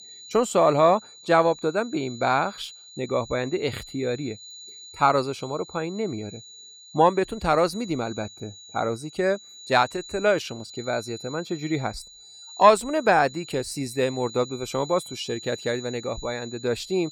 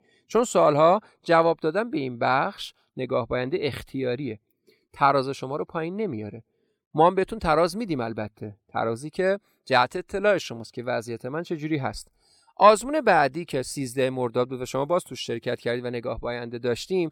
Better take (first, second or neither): second